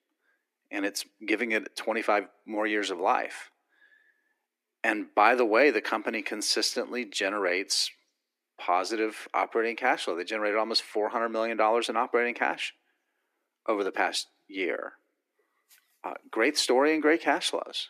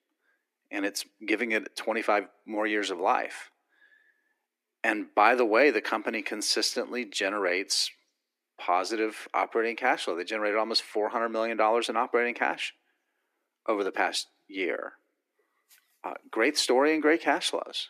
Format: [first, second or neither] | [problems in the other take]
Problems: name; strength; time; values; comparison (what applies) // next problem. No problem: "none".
neither | thin; very; fading below 300 Hz; the same in both